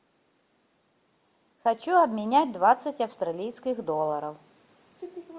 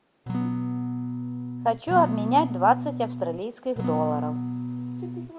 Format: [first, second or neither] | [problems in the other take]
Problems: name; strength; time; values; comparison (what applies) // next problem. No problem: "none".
first | background sound (Acoustic guitar / Strum); 2 dB below the speech